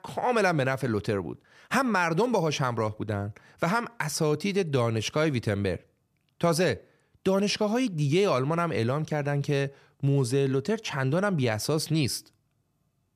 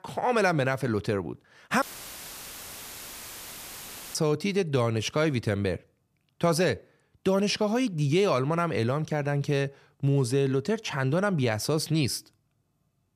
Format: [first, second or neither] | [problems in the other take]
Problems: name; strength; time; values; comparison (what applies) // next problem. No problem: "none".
first | audio cutting out; filled with static; at 2 s for 2.5 s